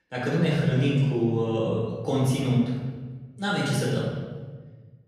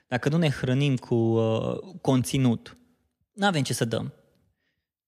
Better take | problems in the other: second | off-mic speech; far // room echo; noticeable; dies away in 1.3 s

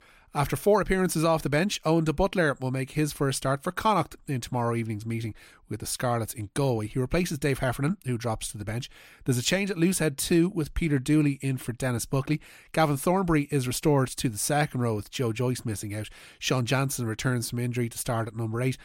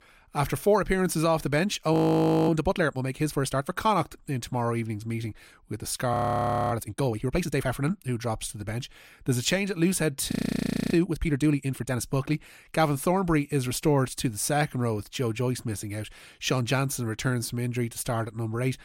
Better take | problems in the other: first | audio freezing; at 2 s for 0.5 s, at 6 s for 0.5 s and at 10 s for 0.5 s

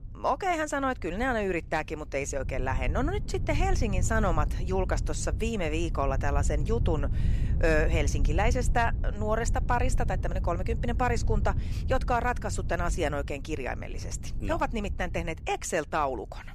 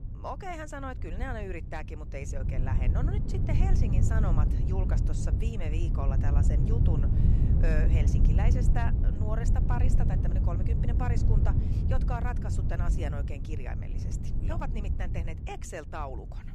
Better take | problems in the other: first | wind noise on the microphone; heavy; 2 dB below the speech; occasional gusts in the first

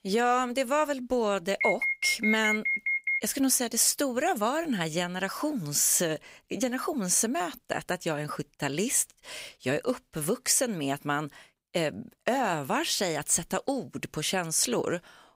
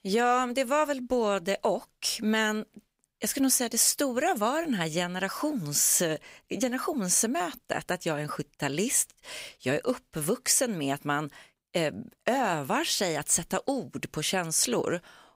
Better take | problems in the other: second | alarm; loud; from 1.5 to 3 s; peak 1 dB above the speech

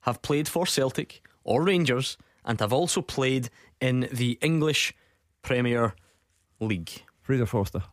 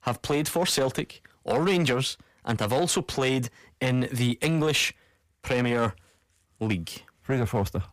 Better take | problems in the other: first | distortion; slight; 6% of the sound clipped

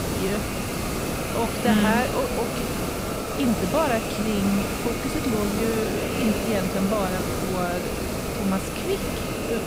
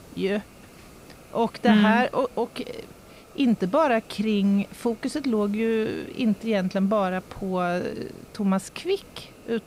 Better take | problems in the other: second | hiss; loud; throughout; 1 dB below the speech; faint in the second

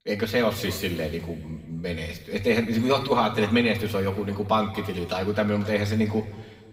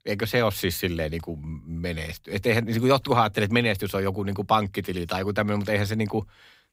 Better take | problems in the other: second | room echo; slight; dies away in 1.6 s // off-mic speech; somewhat distant

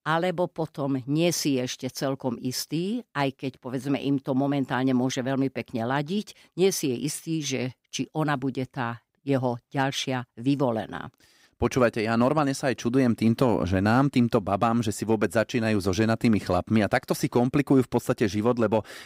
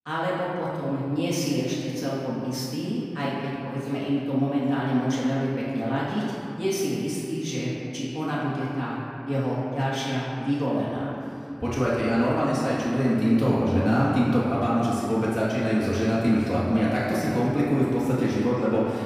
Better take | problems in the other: first | off-mic speech; far // room echo; strong; dies away in 2.5 s

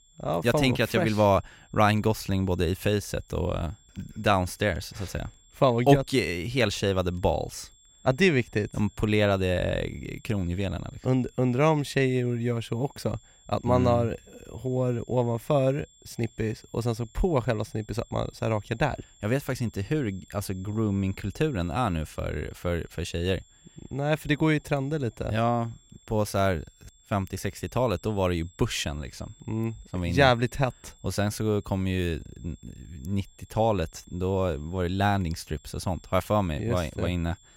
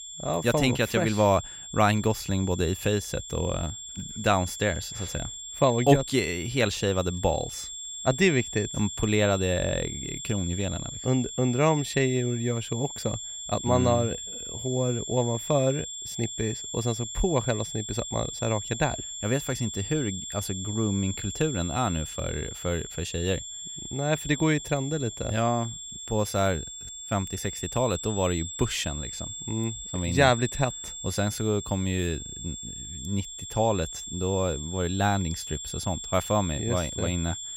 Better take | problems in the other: first | high-pitched whine; loud; throughout; 7.5 kHz, 8 dB below the speech; faint in the first

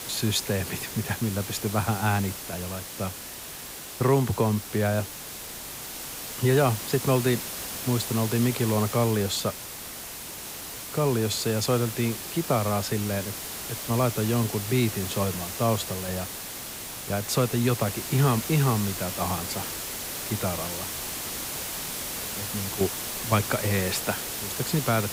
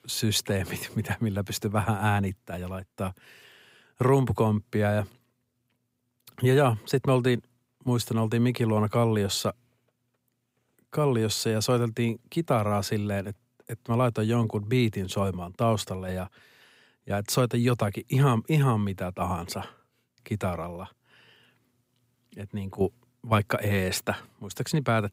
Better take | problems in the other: second | hiss; loud; throughout; 6 dB below the speech

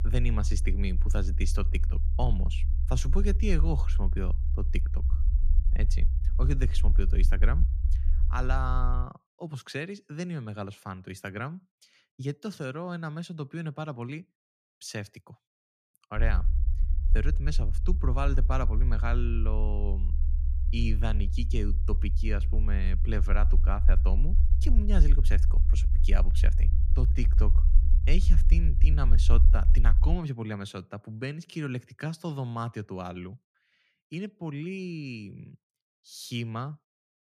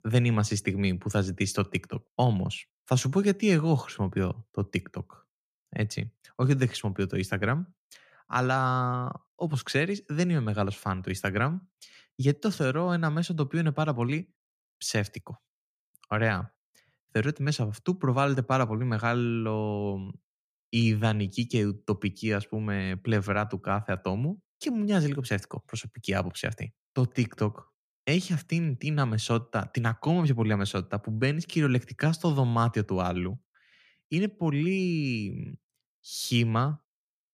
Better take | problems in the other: second | low rumble; noticeable; until 9 s and from 16 to 30 s; 10 dB below the speech

